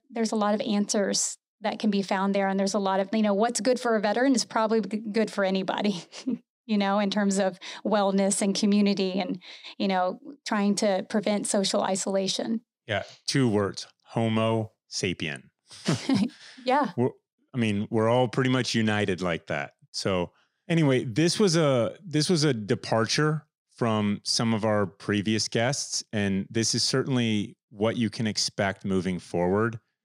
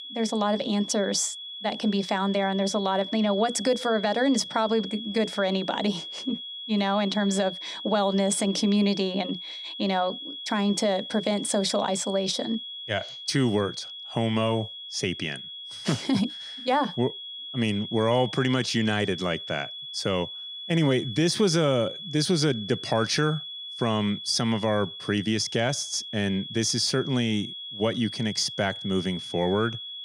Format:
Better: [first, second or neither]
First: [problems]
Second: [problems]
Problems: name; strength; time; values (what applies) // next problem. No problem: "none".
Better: first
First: none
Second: high-pitched whine; loud; throughout; 3.5 kHz, 9 dB below the speech